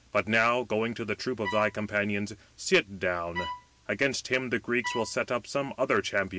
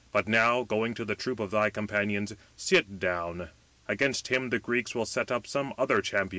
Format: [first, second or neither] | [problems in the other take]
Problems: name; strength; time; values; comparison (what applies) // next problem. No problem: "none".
second | background sound (Bowed string instrument); 10 dB below the speech